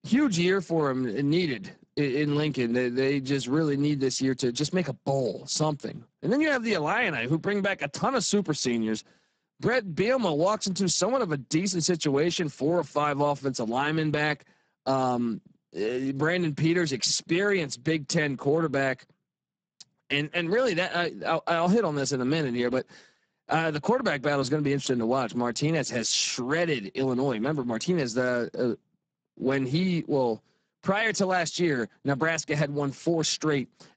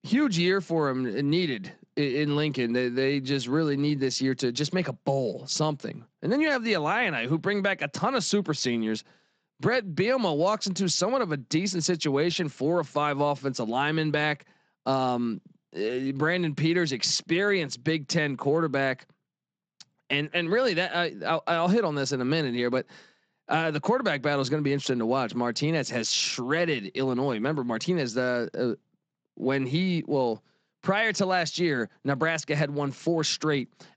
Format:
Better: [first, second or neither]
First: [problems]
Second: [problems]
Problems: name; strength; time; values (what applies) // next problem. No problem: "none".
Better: second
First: garbled, watery; badly; nothing above 7.5 kHz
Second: garbled, watery; slightly; nothing above 7.5 kHz